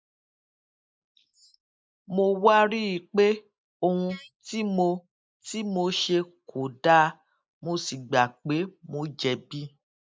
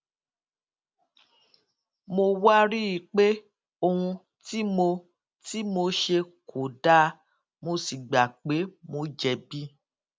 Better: second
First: noise reduction (neural mask model Resemble Enhance denoiser)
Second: none

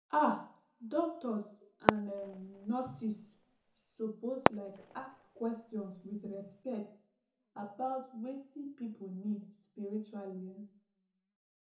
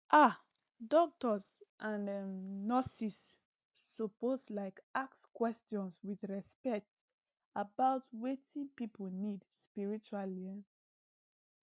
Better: second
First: background sound (Fireworks); 1 dB above the speech // room echo; dies away in 0.6 s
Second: none

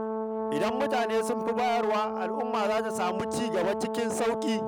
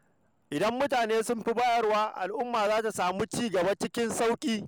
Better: second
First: background sound (Brass instrument); 2 dB below the speech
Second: none

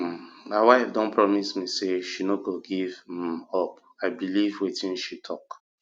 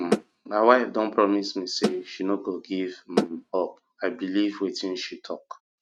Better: first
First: none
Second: noise reduction (neural mask model RNNoise)

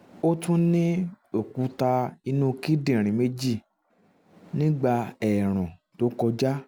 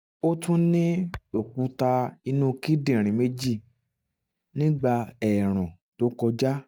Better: first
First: none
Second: noise reduction (neural mask model DeepFilterNet 3)

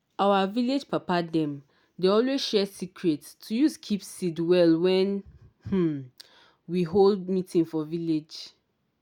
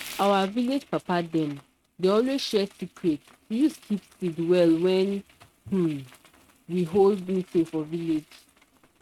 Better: first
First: none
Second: noise reduction (neural mask model RNNoise)

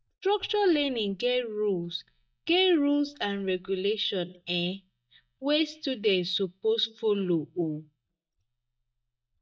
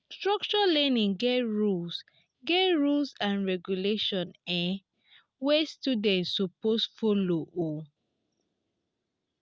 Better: second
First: noise reduction (neural mask model DeepFilterNet 3)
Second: none

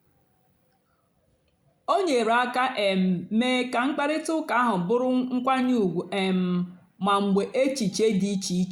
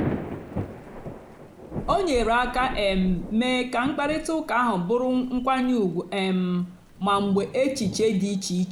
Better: first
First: none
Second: background sound (Thunder / Rain); 11 dB below the speech

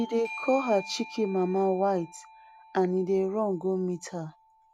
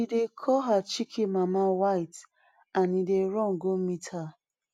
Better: second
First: background sound (Bell / Doorbell); 17 dB below the speech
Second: none

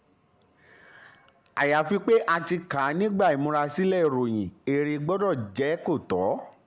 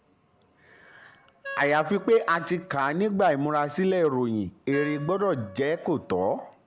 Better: first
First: none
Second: background sound (Wind instrument, woodwind instrument); 17 dB below the speech

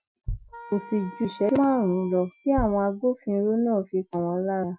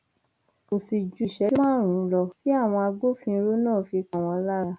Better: second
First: noise reduction (classical method Wiener filter)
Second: none

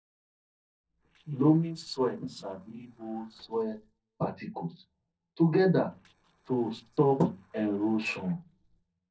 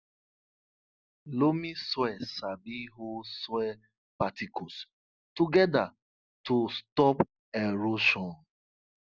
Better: second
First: noise reduction (neural separator model SepFormer DNS4)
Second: none

